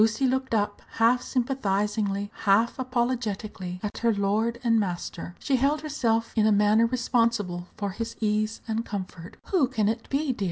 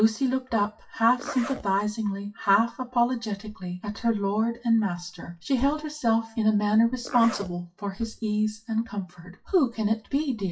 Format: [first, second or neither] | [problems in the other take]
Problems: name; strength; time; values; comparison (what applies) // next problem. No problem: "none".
first | noise reduction (classical method WPE with log-MMSE)